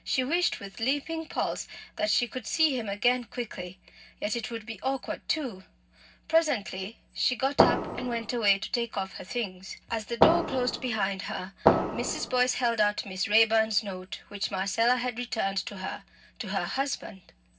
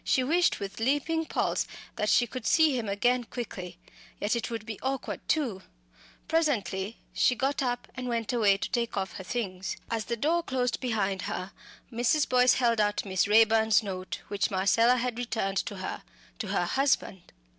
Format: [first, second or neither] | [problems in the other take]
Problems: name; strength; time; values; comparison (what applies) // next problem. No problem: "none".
second | background sound (Fireworks); 4 dB above the speech // room echo; dies away in 0.4 s